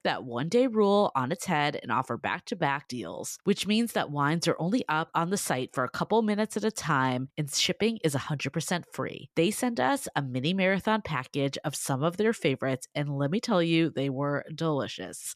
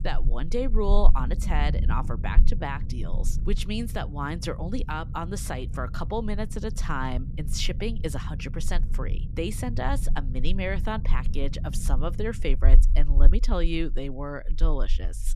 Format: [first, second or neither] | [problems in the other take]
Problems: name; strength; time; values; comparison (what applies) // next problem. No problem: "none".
first | low rumble; noticeable; throughout; 15 dB below the speech